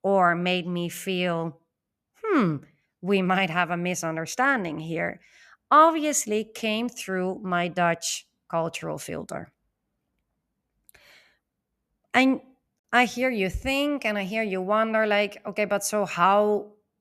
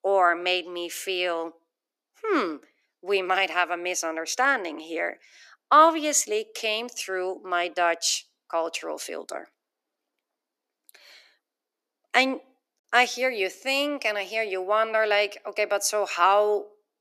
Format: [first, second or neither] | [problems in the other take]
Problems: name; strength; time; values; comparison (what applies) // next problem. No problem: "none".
first | thin; somewhat; fading below 300 Hz